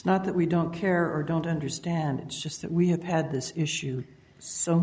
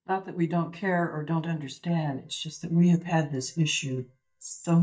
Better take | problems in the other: first | noise reduction (neural mask model DeepFilterNet 3)

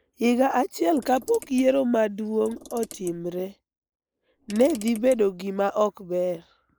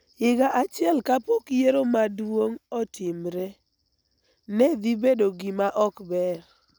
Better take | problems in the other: second | noise reduction (neural mask model Resemble Enhance denoiser)

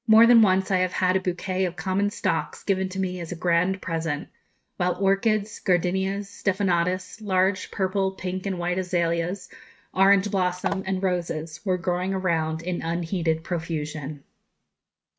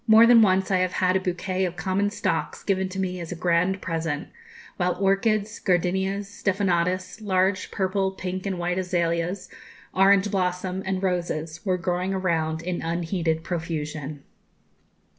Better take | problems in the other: second | noise reduction (neural mask model RNNoise)

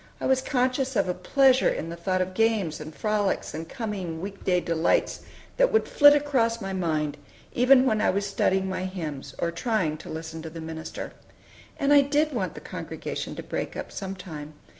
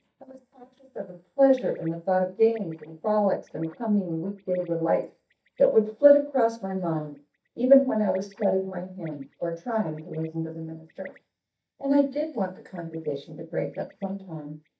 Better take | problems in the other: first | noise reduction (neural mask model DeepFilterNet 3)

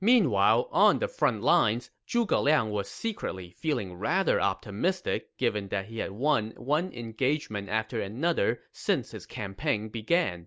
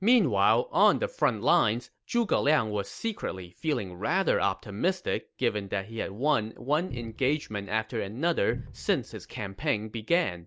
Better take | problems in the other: first | background sound (Cupboard open or close); 13 dB below the speech

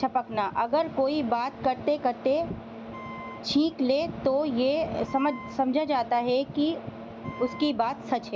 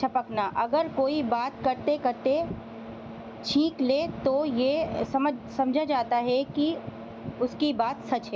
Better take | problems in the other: second | background sound (Wind instrument, woodwind instrument); 17 dB below the speech

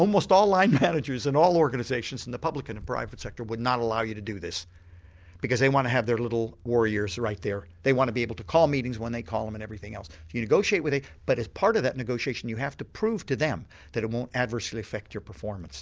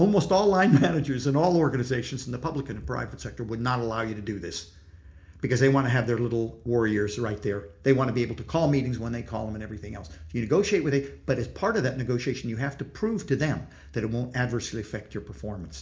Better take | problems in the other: first | room echo; dies away in 0.4 s

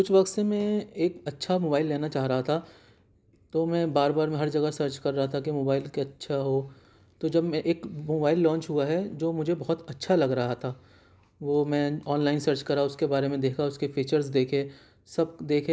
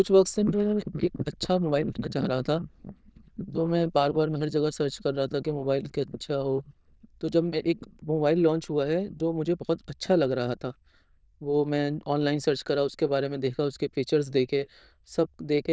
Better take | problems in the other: first | noise reduction (neural diffusion model UNIVERSE++)

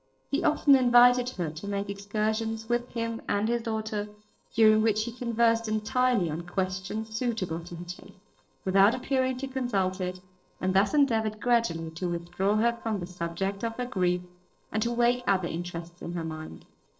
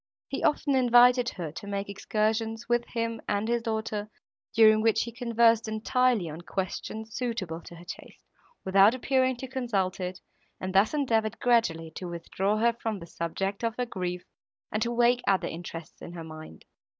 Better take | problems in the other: second | noise reduction (neural separator model SepFormer DNS4)

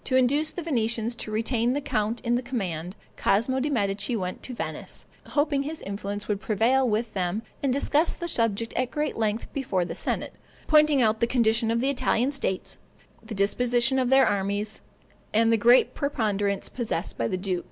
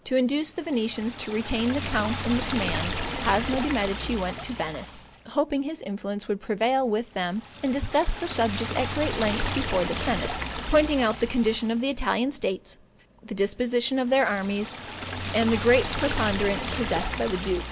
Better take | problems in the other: first | background sound (Liquid); 7 dB below the speech

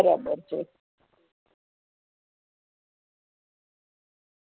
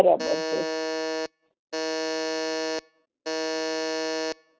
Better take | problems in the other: first | noise reduction (neural mask model RNNoise)

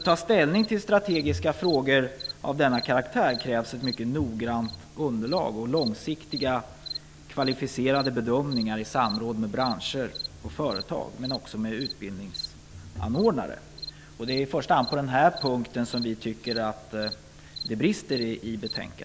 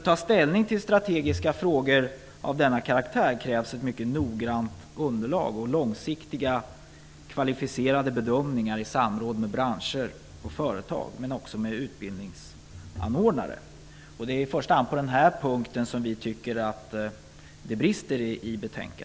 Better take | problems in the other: second | background sound (Cricket); 14 dB below the speech

